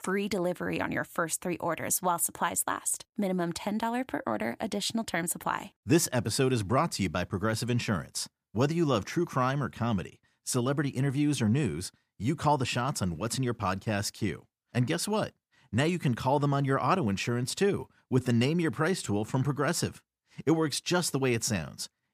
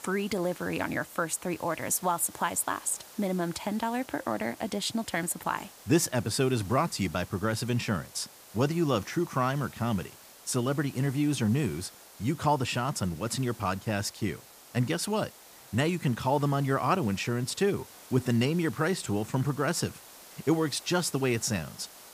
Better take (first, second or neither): first